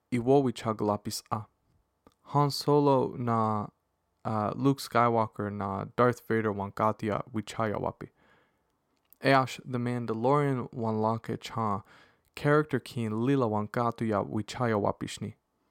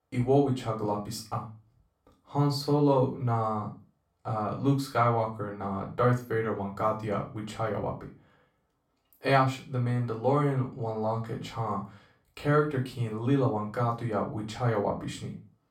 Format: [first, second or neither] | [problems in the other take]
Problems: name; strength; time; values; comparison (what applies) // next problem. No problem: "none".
first | off-mic speech; far // room echo; slight; dies away in 0.3 s